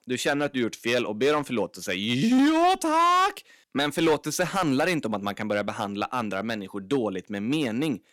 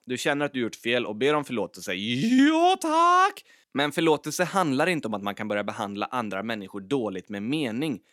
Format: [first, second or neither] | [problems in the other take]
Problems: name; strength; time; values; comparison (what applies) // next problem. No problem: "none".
second | distortion; slight; 5% of the sound clipped